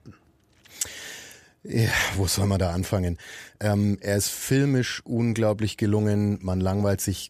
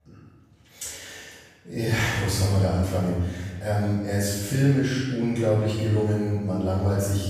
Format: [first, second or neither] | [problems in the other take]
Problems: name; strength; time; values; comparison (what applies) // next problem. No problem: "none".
first | off-mic speech; far // room echo; strong; dies away in 1.3 s